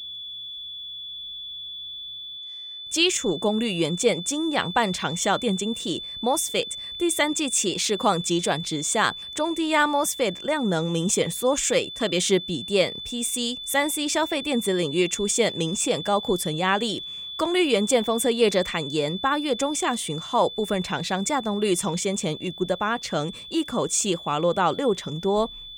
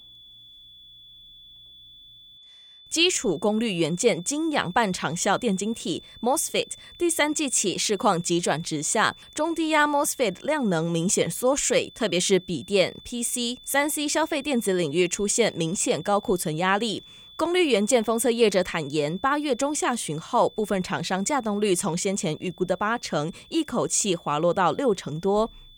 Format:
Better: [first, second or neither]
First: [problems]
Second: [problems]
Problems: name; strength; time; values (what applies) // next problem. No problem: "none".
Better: second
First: high-pitched whine; loud; throughout; 3.5 kHz, 10 dB below the speech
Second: high-pitched whine; faint; throughout; 3.5 kHz, 20 dB below the speech